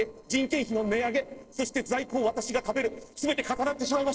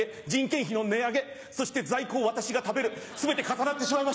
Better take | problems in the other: second | noise reduction (neural separator model SepFormer DNS4)

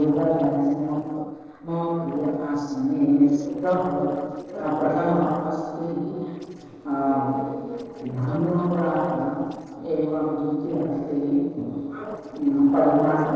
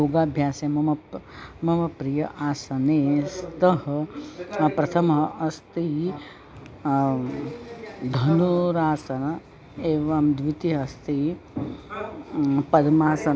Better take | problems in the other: second | noise reduction (neural separator model SepFormer DNS4)

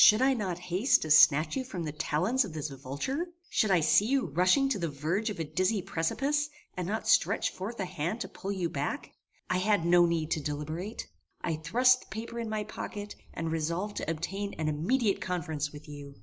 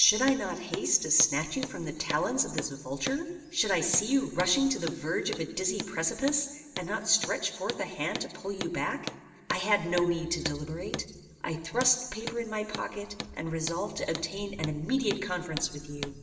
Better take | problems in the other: first | background sound (Hammer); 12 dB below the speech // room echo; dies away in 2.7 s

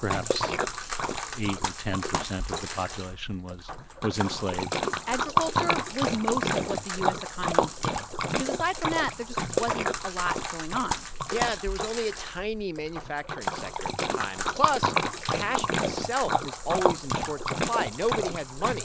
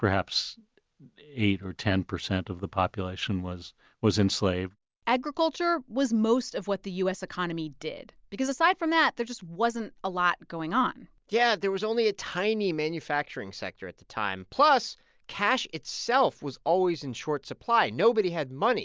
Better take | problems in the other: second | background sound (Splash, splatter); 3 dB above the speech

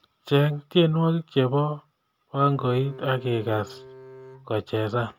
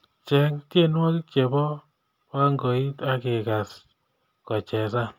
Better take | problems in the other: second | background sound (Bowed string instrument); 19 dB below the speech

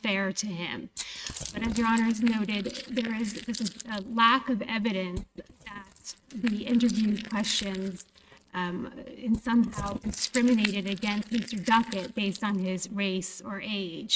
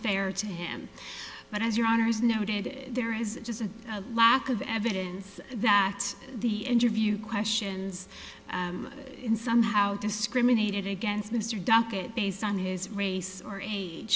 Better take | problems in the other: second | noise reduction (neural mask model RNNoise)

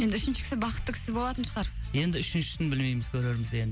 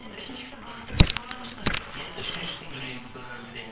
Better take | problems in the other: first | noise reduction (neural separator model SepFormer WHAMR!)

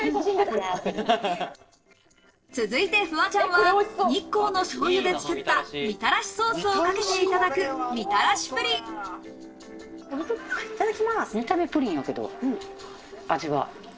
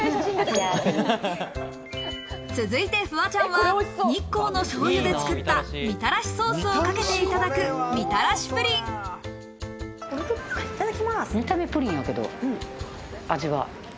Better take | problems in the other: second | noise reduction (neural separator model SepFormer DNS4)

